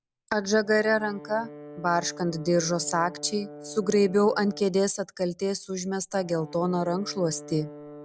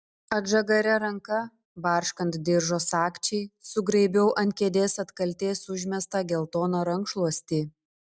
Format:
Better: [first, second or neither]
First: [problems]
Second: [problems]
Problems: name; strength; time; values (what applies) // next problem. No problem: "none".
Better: second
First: background sound (Brass instrument); 17 dB below the speech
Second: none